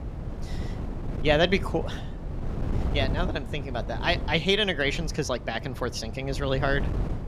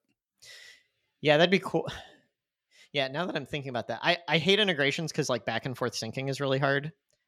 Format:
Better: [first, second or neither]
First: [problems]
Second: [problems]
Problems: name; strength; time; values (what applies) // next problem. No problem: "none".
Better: second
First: wind noise on the microphone; occasional gusts; 15 dB below the speech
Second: none